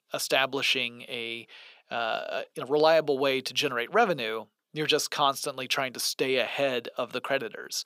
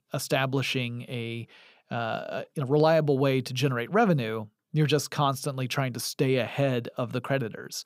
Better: second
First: thin; somewhat; fading below 400 Hz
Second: none

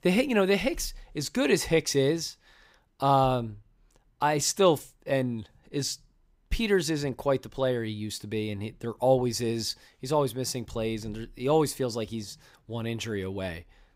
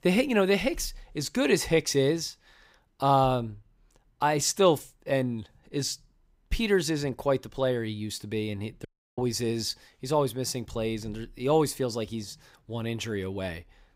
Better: first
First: none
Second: audio cutting out; at 9 s

